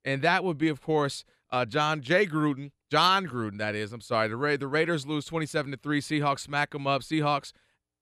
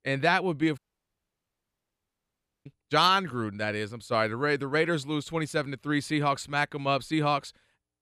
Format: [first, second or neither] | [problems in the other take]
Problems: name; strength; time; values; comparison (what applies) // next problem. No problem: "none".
first | audio cutting out; at 1 s for 2 s